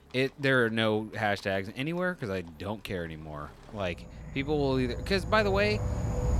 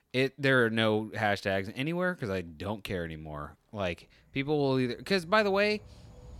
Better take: second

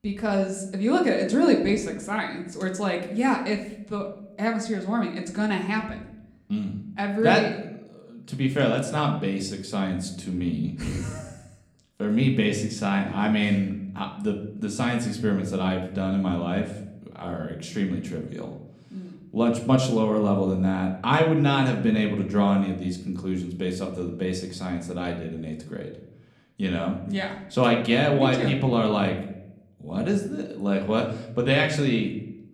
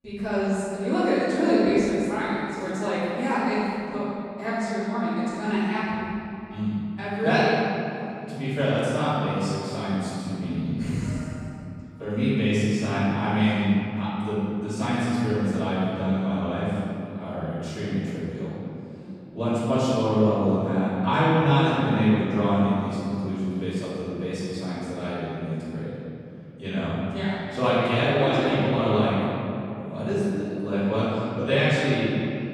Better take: first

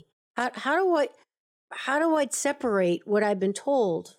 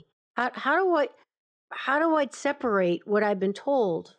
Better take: first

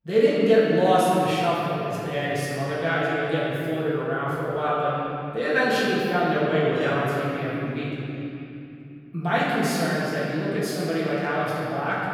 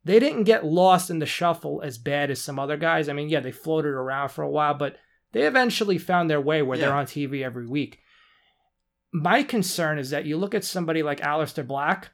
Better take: second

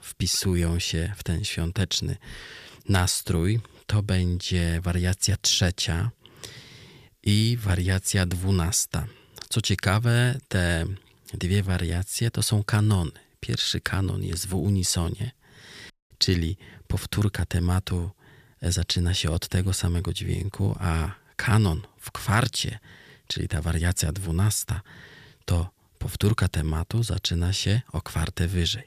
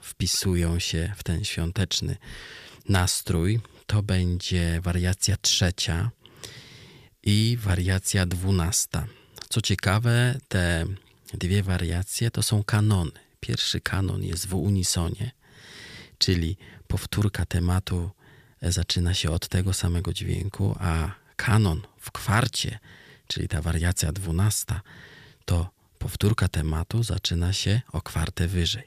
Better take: second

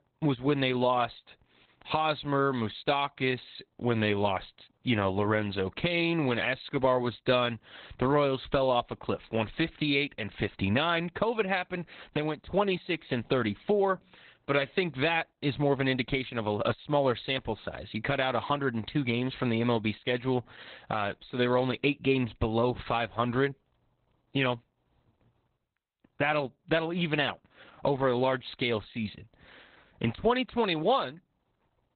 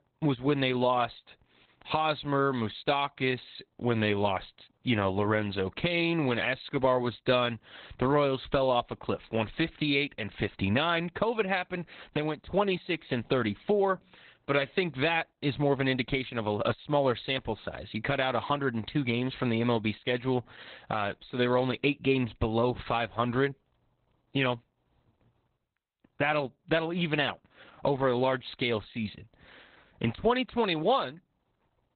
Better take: neither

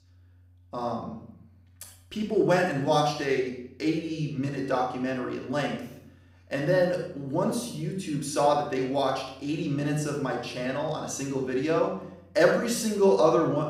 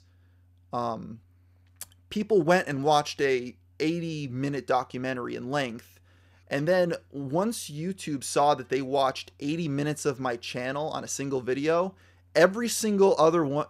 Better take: second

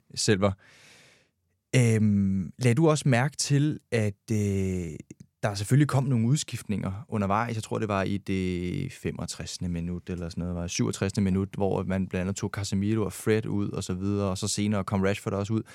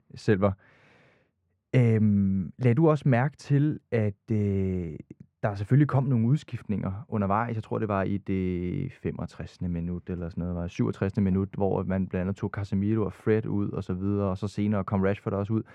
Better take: first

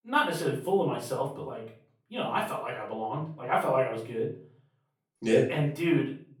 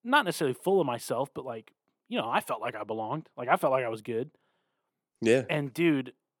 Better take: second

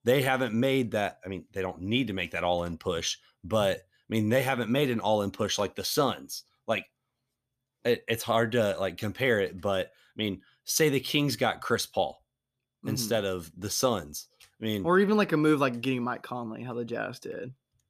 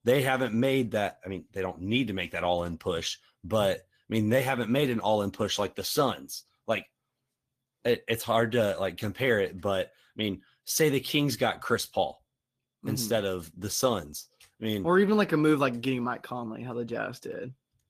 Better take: first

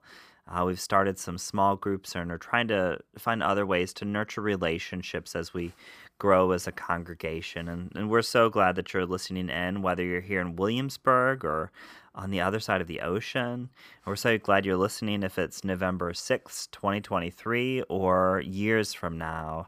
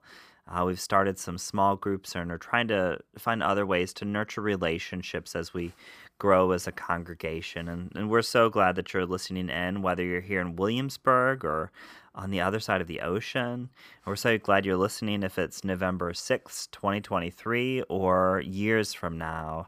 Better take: neither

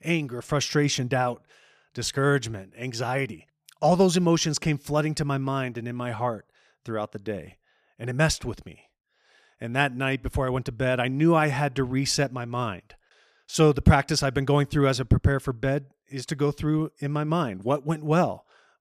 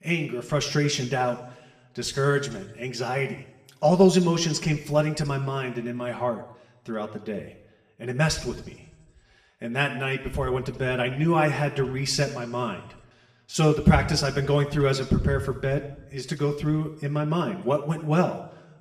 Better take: first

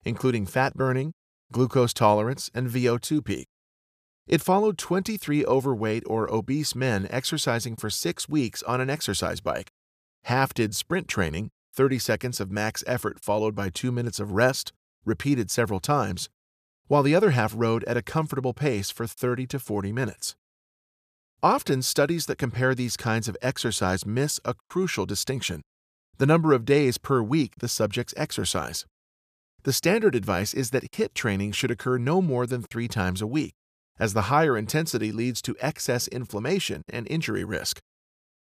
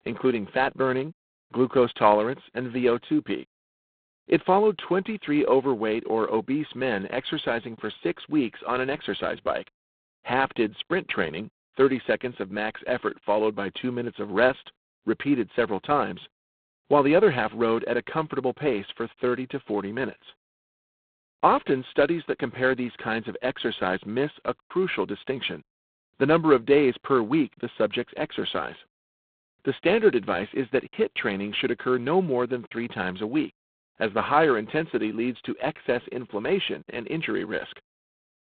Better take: first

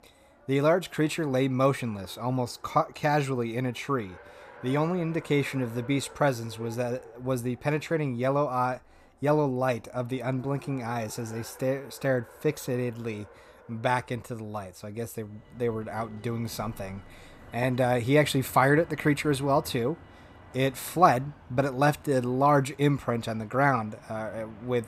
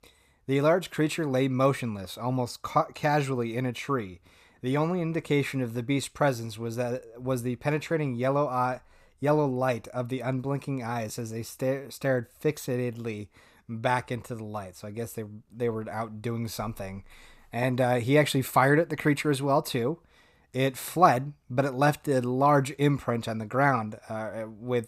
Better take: second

